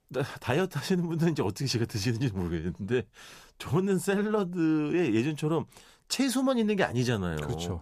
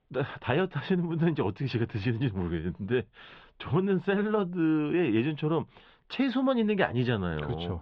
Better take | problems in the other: first | muffled; very; fading above 3.5 kHz

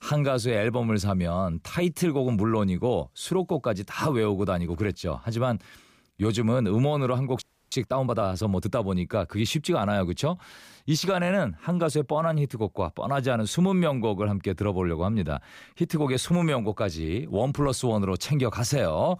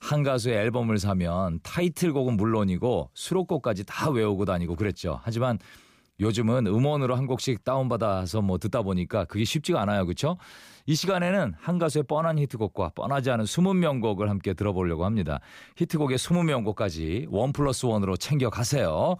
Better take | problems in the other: second | audio freezing; at 7.5 s

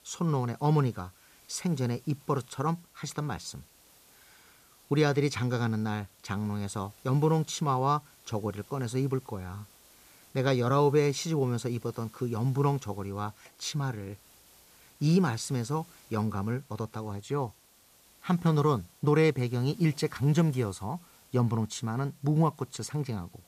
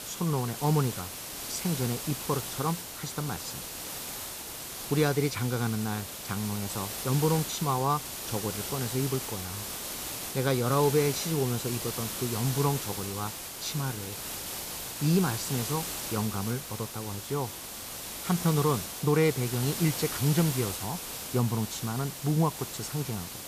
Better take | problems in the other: first | hiss; loud; throughout; 5 dB below the speech; faint in the first

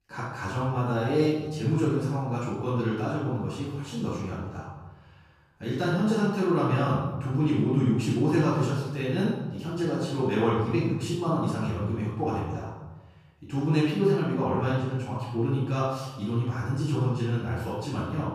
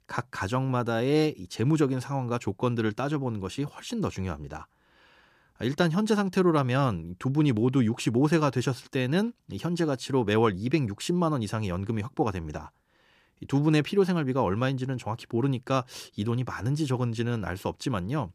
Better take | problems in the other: second | off-mic speech; far // room echo; strong; dies away in 1 s

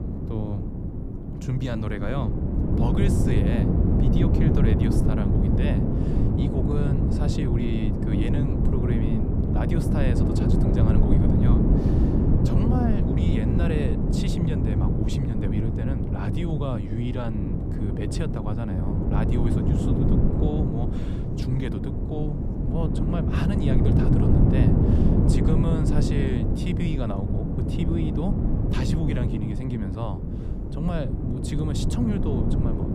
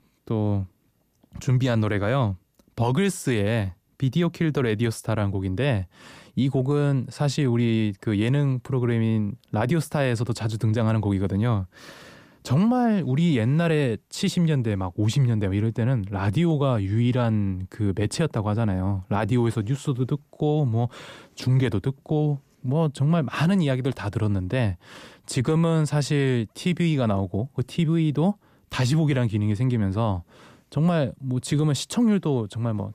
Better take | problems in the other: second | wind noise on the microphone; heavy; 3 dB above the speech

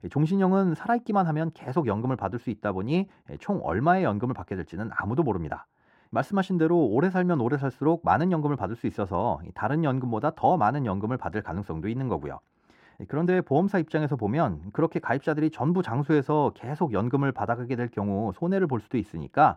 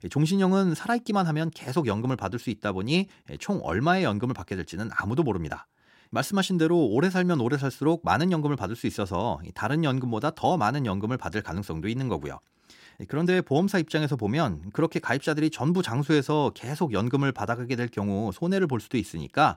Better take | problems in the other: second | muffled; very; fading above 2.5 kHz

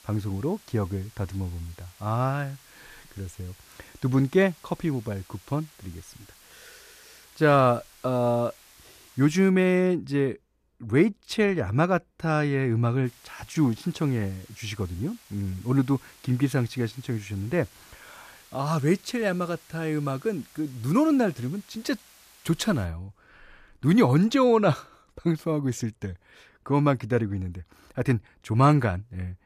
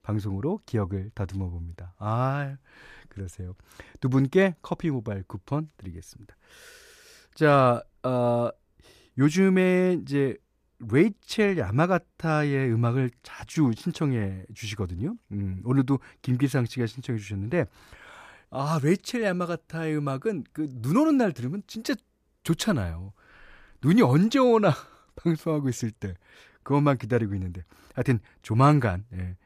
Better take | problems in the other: second | hiss; faint; until 9.5 s and from 13 to 23 s; 25 dB below the speech

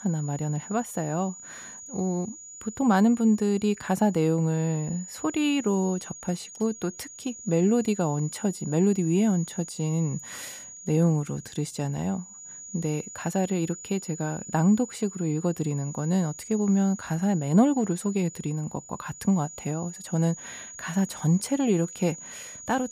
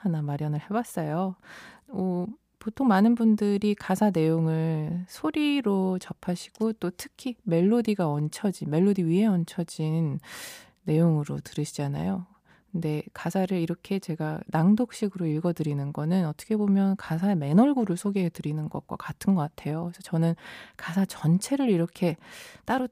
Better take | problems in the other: second | high-pitched whine; noticeable; throughout; 7 kHz, 15 dB below the speech

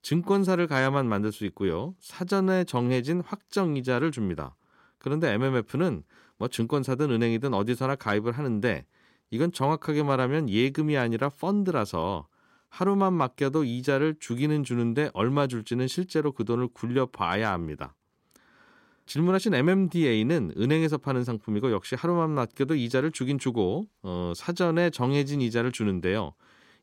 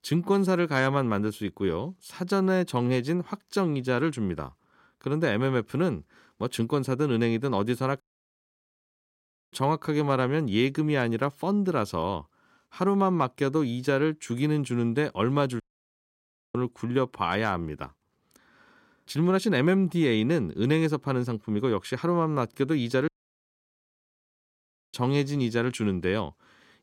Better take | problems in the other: first | audio cutting out; at 8 s for 1.5 s, at 16 s for 1 s and at 23 s for 2 s

